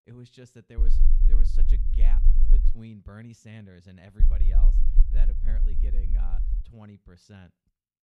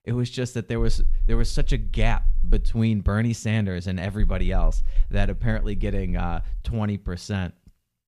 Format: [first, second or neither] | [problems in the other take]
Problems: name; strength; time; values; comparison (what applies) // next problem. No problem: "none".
second | low rumble; loud; from 1 to 2.5 s and from 4 to 6.5 s; 1 dB below the speech; faint in the second